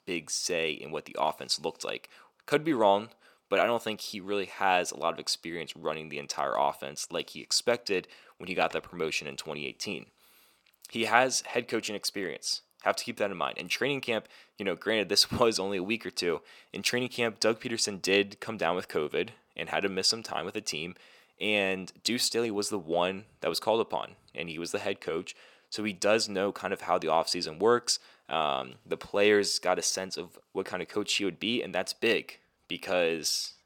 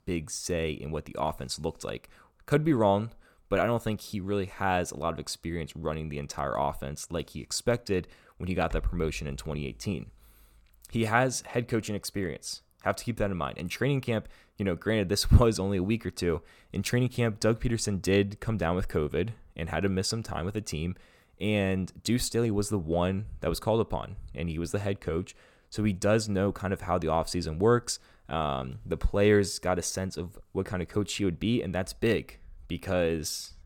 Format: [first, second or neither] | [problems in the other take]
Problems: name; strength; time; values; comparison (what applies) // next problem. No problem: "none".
second | thin; somewhat; fading below 300 Hz